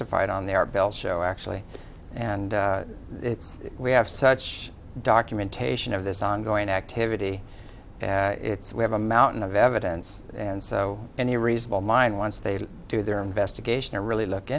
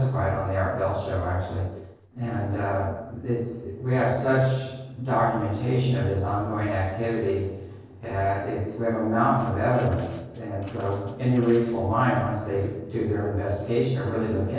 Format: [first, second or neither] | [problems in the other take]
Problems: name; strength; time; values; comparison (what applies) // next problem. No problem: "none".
first | noise reduction (neural separator model SepFormer DNS4)